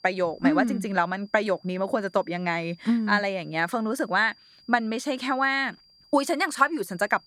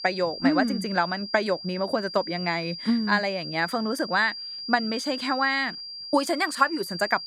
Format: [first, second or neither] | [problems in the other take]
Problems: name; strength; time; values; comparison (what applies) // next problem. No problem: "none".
first | high-pitched whine; loud; throughout; 4.5 kHz, 9 dB below the speech; faint in the first